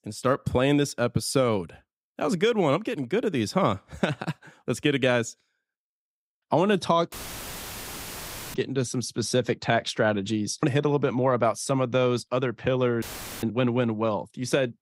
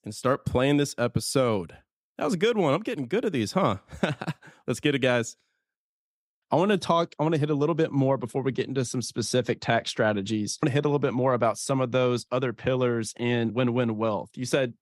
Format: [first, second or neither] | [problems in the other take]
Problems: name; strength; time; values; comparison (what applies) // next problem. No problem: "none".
second | audio cutting out; filled with static; at 7 s for 1.5 s and at 13 s